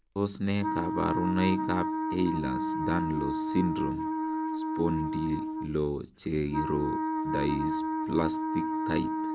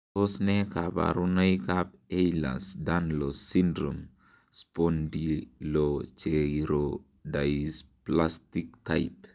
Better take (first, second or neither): second